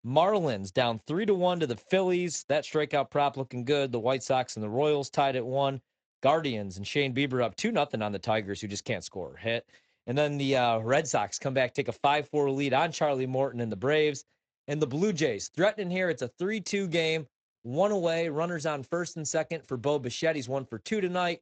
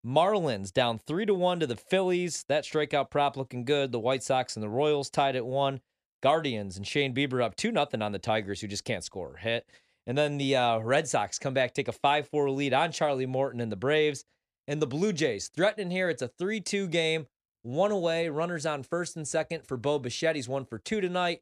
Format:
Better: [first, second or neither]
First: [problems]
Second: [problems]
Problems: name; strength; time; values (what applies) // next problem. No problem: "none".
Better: second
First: garbled, watery; slightly; nothing above 7.5 kHz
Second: none